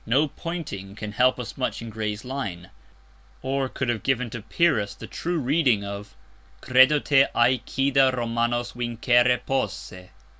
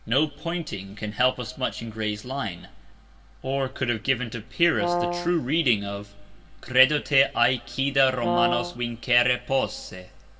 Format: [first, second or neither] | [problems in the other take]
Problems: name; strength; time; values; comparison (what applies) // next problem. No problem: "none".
first | background sound (Brass instrument); 3 dB below the speech // room echo; dies away in 1.1 s